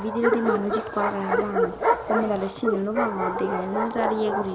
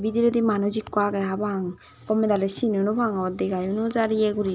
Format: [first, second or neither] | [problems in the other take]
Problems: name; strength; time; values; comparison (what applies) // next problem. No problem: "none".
second | background sound (Bark); 1 dB above the speech